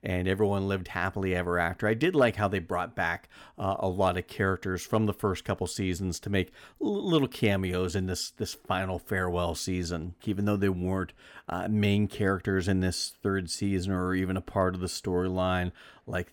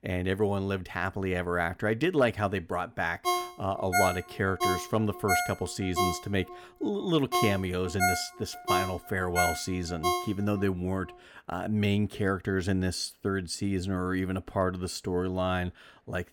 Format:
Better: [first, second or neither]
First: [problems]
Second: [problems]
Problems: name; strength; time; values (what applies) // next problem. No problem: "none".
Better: first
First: none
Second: phone ringing; loud; from 3.5 to 11 s; peak 2 dB above the speech